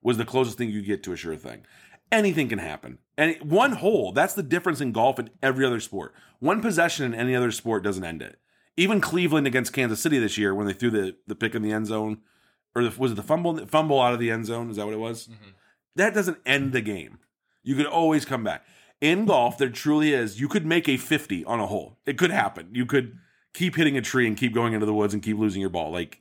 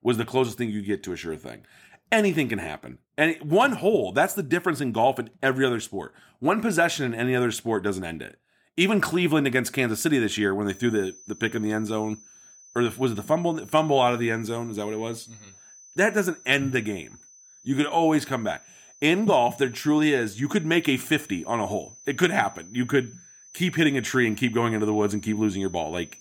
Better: first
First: none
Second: high-pitched whine; faint; from 11 s on; 6 kHz, 25 dB below the speech

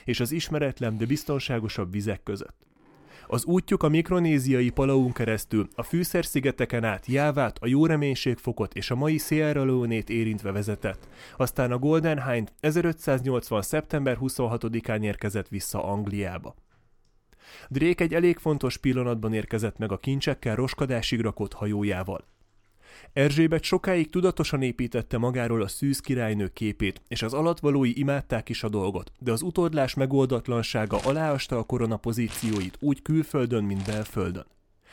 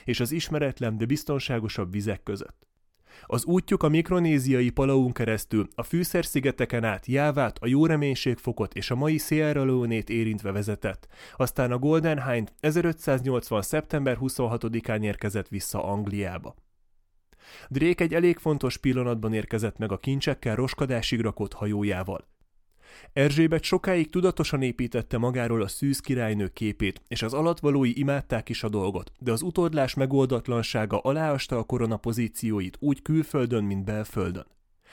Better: second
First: household noises; faint; throughout; 20 dB below the speech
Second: none

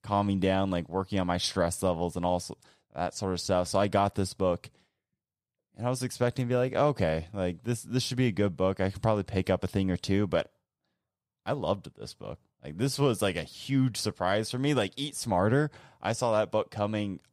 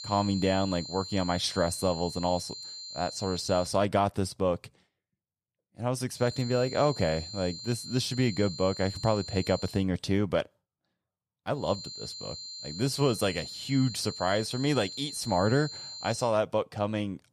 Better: first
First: none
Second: high-pitched whine; loud; until 3.5 s, from 6 to 9.5 s and from 12 to 16 s; 4 kHz, 10 dB below the speech

